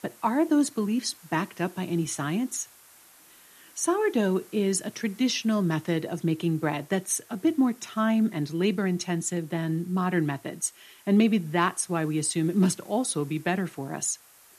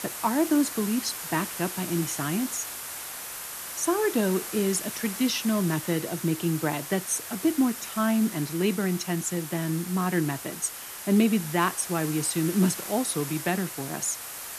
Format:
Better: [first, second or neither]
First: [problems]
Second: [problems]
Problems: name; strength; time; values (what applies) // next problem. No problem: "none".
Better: first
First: hiss; faint; throughout; 25 dB below the speech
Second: hiss; loud; throughout; 8 dB below the speech